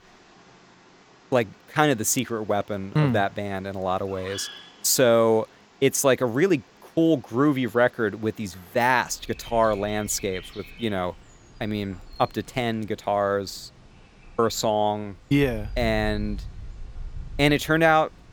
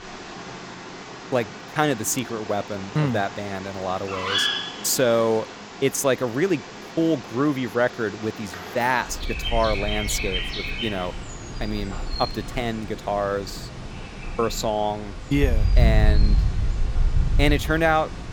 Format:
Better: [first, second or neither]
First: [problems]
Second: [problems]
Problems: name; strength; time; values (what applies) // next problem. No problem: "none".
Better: first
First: animal sounds; faint; throughout; 20 dB below the speech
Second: animal sounds; loud; throughout; 4 dB below the speech